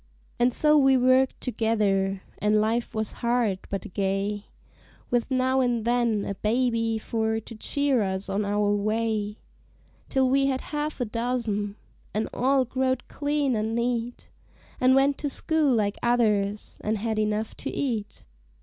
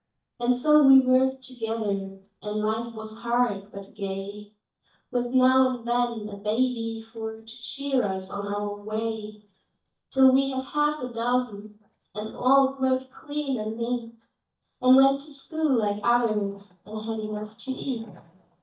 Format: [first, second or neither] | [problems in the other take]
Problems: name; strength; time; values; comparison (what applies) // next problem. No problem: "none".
first | noise reduction (neural mask model DeepFilterNet 3)